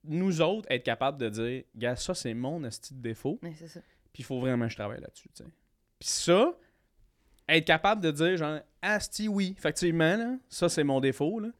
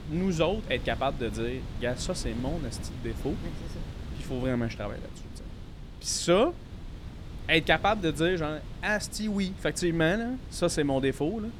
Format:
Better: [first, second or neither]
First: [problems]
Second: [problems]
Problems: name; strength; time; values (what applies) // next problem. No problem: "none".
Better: first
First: none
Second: wind noise on the microphone; occasional gusts; 20 dB below the speech